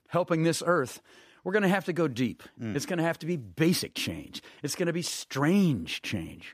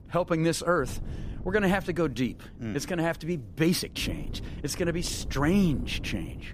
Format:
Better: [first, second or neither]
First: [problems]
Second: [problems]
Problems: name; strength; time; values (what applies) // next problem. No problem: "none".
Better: first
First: none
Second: wind noise on the microphone; occasional gusts; 20 dB below the speech